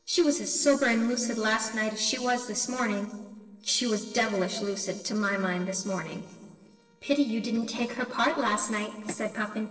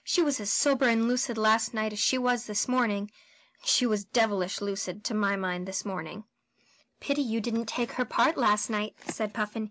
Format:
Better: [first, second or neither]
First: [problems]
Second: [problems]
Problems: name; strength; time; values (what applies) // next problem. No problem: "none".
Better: second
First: noise reduction (neural separator model SepFormer DNS4)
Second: none